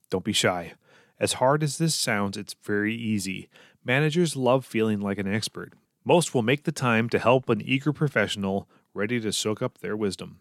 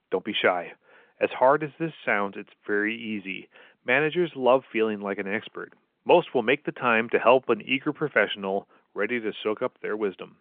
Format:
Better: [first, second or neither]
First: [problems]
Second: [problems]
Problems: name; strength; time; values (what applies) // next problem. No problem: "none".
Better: first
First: none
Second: phone-call audio; nothing above 3.5 kHz